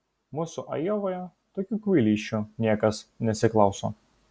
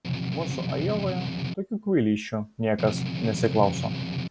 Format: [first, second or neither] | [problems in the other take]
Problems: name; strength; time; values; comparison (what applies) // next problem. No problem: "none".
first | background sound (Strum); 2 dB below the speech